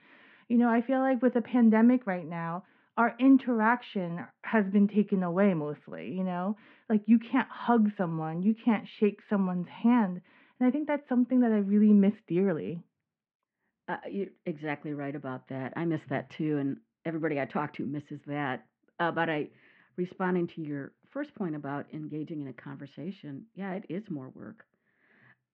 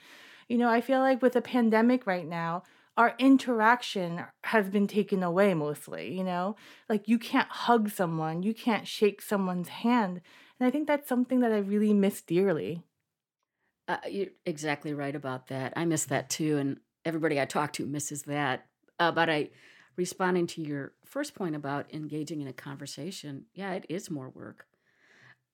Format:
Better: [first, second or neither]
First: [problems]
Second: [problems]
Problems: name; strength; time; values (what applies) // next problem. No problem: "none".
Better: second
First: muffled; very; fading above 2.5 kHz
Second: none